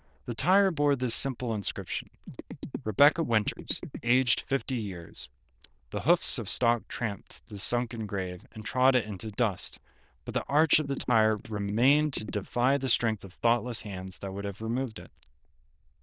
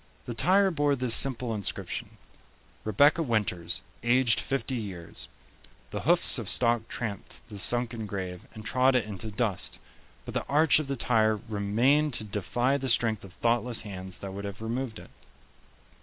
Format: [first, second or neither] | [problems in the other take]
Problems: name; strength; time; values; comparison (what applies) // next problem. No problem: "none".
second | noise reduction (neural diffusion model UNIVERSE++)